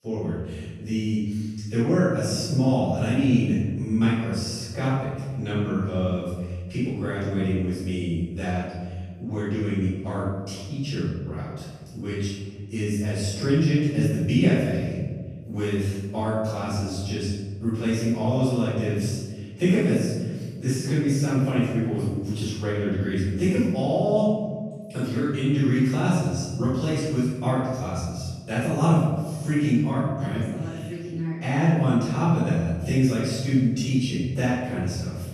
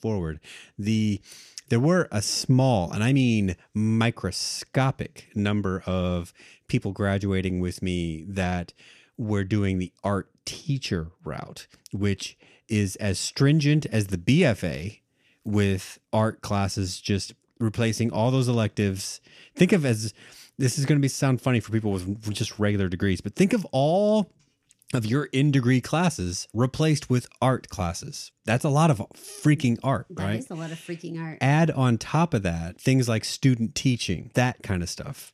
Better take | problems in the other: second | room echo; strong; dies away in 1.6 s // off-mic speech; far

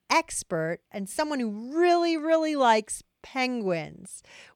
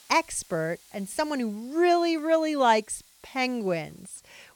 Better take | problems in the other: first | hiss; faint; throughout; 25 dB below the speech

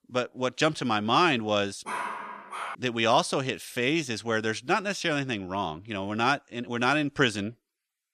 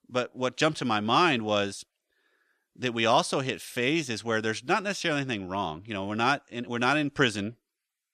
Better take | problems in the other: second | dog barking; noticeable; at 2 s; peak 6 dB below the speech

